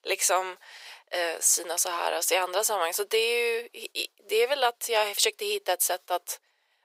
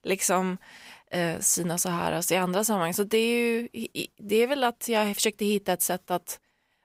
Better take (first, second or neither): second